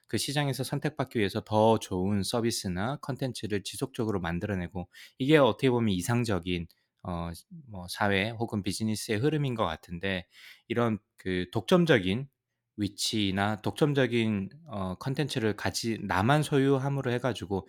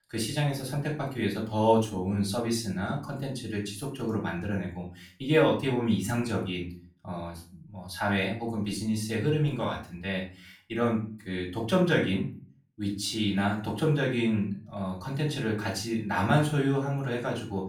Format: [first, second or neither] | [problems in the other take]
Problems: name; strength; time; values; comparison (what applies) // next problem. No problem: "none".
first | off-mic speech; far // room echo; slight; dies away in 0.3 s